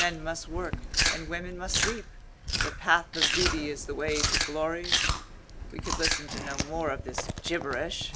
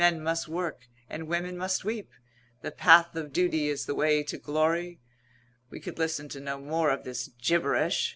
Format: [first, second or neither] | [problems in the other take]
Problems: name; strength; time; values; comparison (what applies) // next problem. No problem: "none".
second | background sound (Chewing, mastication); 2 dB above the speech